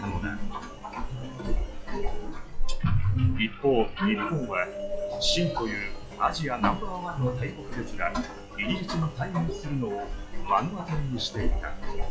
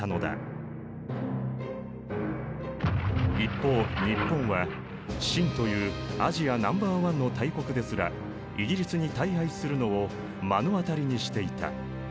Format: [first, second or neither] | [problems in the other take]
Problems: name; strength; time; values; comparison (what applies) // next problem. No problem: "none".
second | noise reduction (classical method log-MMSE)